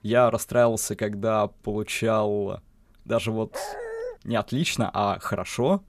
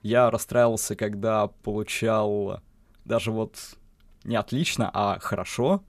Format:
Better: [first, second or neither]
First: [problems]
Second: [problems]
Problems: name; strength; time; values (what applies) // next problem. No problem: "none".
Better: second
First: dog barking; noticeable; at 3.5 s; peak 8 dB below the speech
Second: none